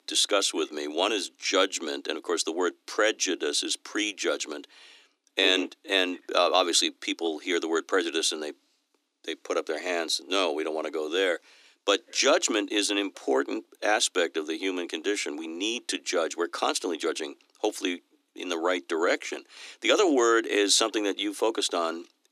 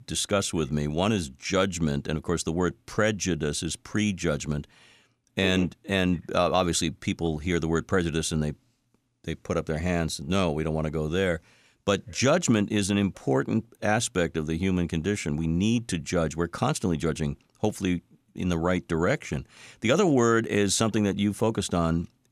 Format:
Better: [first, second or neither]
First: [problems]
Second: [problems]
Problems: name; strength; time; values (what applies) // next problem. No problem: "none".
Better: second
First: thin; somewhat; fading below 300 Hz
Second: none